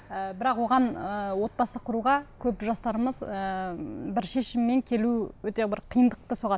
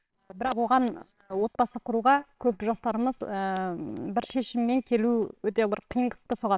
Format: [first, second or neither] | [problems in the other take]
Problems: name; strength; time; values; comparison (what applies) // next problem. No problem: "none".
first | noise reduction (neural separator model SepFormer WHAMR!)